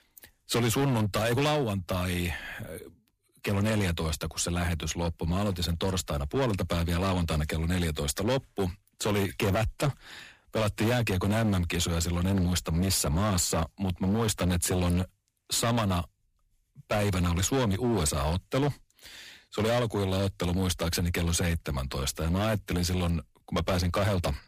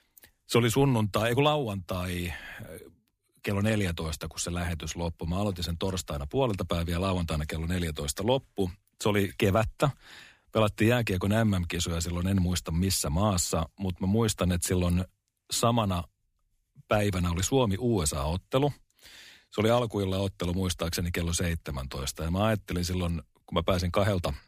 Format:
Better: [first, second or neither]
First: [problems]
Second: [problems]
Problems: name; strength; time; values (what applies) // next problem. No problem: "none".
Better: second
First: distortion; heavy; 15% of the sound clipped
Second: none